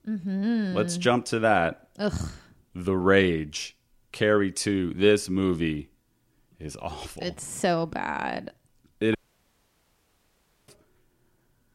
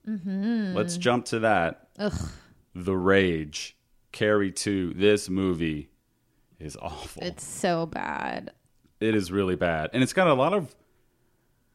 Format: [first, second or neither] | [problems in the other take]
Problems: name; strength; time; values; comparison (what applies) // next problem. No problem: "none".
second | audio cutting out; at 9 s for 1.5 s